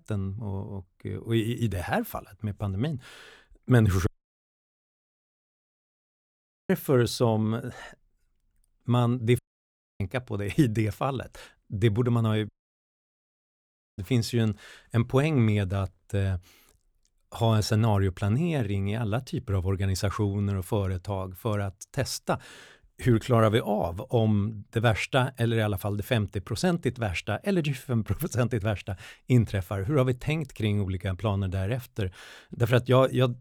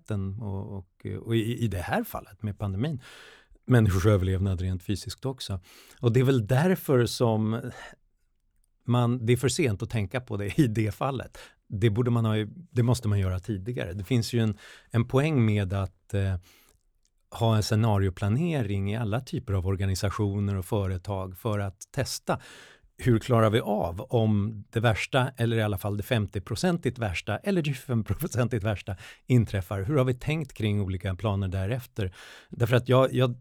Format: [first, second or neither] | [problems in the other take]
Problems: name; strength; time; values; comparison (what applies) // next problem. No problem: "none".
second | audio cutting out; at 4 s for 2.5 s, at 9.5 s for 0.5 s and at 12 s for 1.5 s